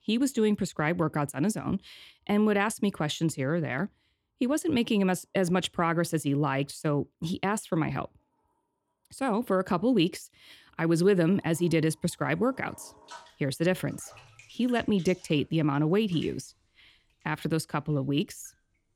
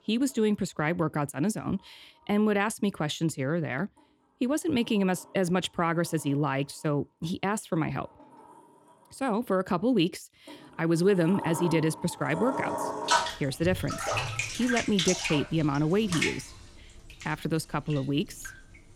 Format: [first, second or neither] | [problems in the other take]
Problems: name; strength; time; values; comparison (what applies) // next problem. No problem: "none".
first | household noises; loud; throughout; 4 dB below the speech; faint in the first